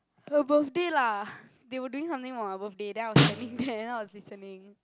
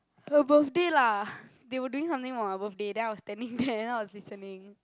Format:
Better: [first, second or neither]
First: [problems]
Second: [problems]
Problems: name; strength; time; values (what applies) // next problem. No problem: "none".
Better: second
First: background sound (Snare drum); 4 dB above the speech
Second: none